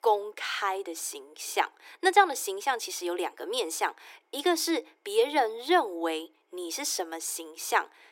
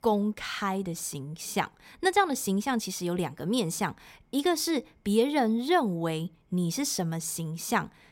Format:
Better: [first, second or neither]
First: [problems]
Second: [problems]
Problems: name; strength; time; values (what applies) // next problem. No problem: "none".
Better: second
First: thin; very; fading below 300 Hz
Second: none